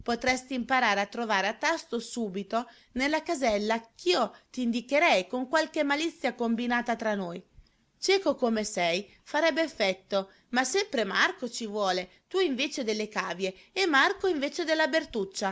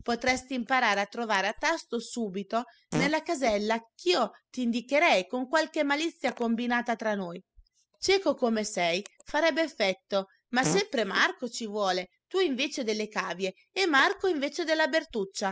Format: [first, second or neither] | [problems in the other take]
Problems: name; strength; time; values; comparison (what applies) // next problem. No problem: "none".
first | noise reduction (classical method spectral subtraction)